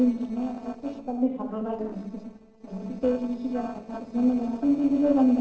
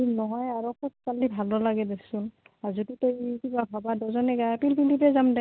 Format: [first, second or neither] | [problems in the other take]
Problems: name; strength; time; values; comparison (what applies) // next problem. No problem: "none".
second | noise reduction (neural separator model SepFormer DNS4)